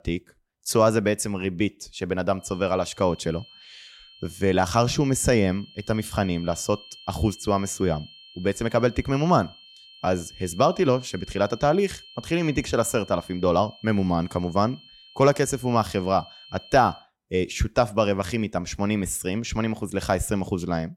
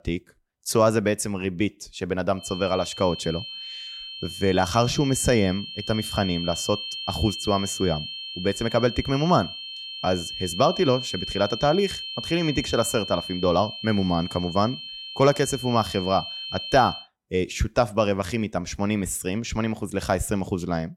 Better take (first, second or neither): first